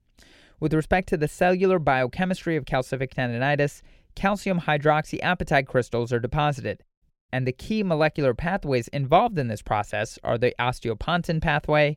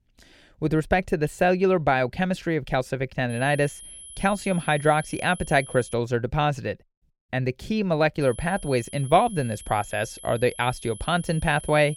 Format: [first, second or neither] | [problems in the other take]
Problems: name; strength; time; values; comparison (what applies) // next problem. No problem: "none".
first | high-pitched whine; noticeable; from 3.5 to 6 s and from 8 s on; 11 kHz, 15 dB below the speech